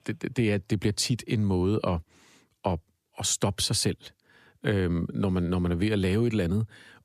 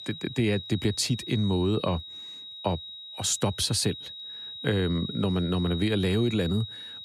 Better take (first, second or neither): first